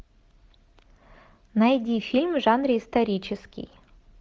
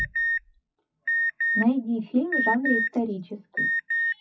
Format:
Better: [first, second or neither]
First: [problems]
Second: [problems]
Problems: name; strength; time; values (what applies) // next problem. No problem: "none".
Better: first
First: none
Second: noise reduction (classical method WPE with log-MMSE)